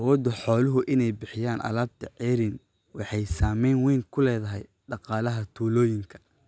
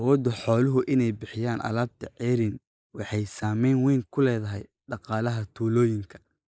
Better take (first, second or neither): first